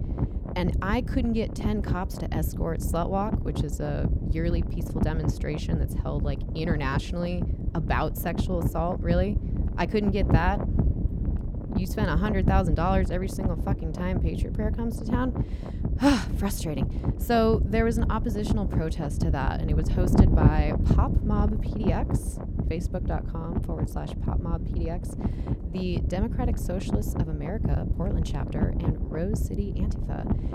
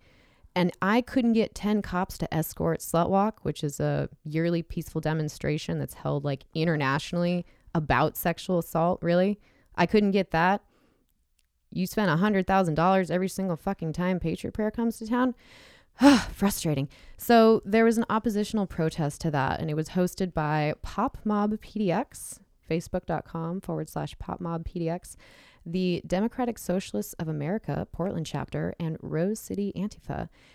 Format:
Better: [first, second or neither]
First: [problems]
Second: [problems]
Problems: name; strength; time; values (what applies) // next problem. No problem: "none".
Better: second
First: wind noise on the microphone; heavy; 6 dB below the speech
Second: none